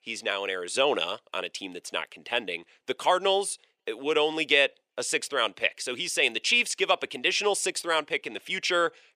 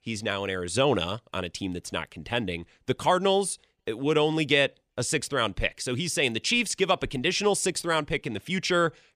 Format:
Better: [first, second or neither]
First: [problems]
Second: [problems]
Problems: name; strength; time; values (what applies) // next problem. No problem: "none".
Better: second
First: thin; somewhat; fading below 450 Hz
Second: none